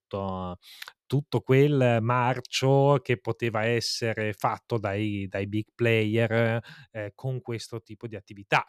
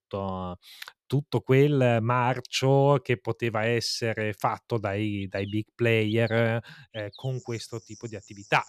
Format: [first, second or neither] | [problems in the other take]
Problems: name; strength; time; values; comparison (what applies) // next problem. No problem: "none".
first | animal sounds; faint; from 5 s on; 20 dB below the speech